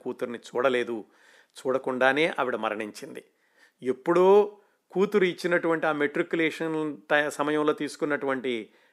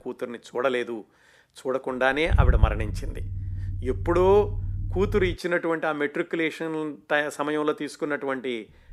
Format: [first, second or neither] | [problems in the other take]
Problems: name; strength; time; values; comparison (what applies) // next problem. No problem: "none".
first | low rumble; noticeable; throughout; 20 dB below the speech